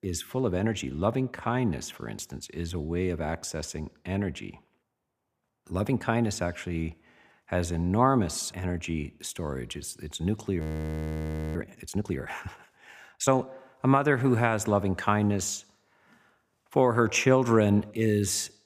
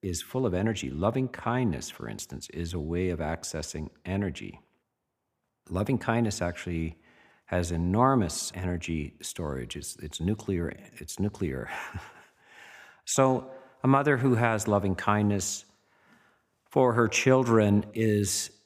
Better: second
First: audio freezing; at 11 s for 1 s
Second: none

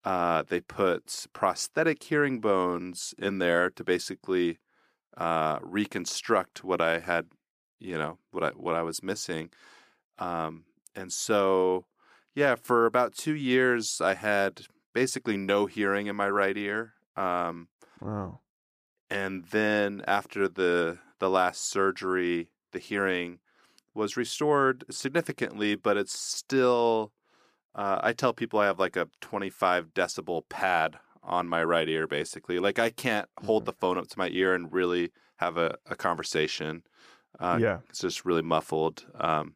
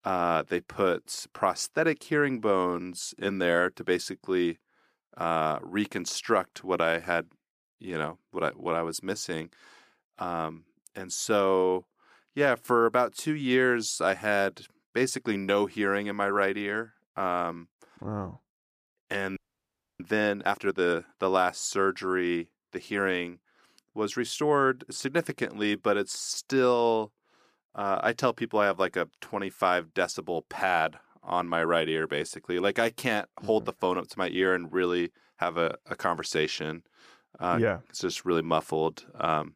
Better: first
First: none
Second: audio freezing; at 19 s for 0.5 s

